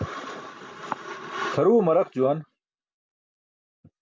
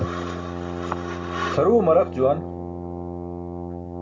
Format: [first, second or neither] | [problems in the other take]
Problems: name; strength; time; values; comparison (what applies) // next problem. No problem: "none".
first | background sound (Brass instrument); 7 dB below the speech // room echo; dies away in 1.1 s